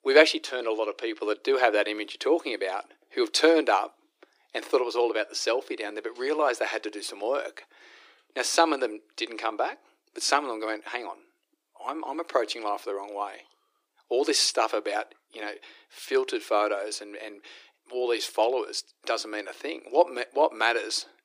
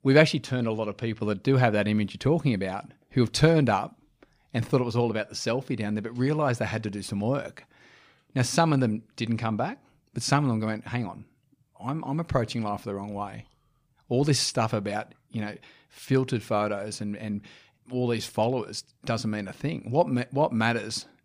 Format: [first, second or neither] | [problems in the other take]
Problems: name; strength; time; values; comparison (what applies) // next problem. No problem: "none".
second | thin; very; fading below 300 Hz